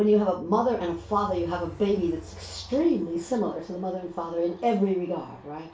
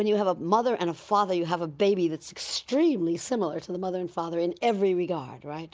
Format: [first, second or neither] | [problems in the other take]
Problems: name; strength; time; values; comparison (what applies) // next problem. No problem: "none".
second | background sound (Train); 20 dB below the speech // room echo; dies away in 0.3 s